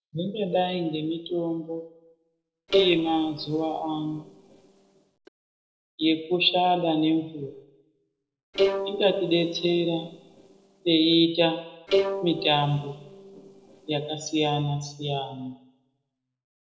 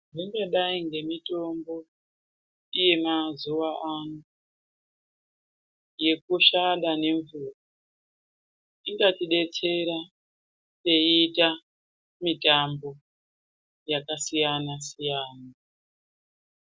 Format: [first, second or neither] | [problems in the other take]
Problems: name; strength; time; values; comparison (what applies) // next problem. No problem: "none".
second | noise reduction (neural separator model SepFormer DNS4)